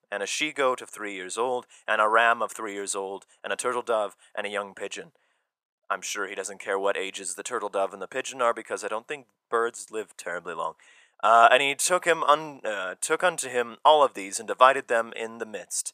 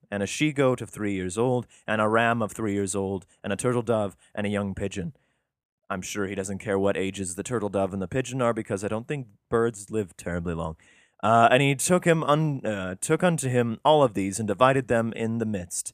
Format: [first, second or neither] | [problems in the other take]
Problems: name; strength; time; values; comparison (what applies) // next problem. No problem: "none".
second | thin; very; fading below 600 Hz